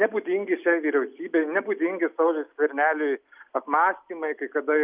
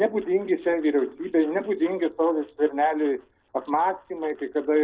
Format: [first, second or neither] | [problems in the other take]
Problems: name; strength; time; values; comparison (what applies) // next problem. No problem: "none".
first | noise reduction (neural separator model SepFormer DNS4)